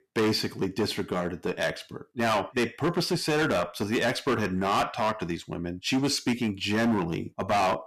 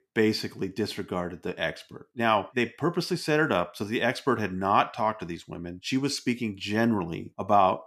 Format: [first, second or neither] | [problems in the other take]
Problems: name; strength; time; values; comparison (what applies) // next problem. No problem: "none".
second | distortion; heavy; 13% of the sound clipped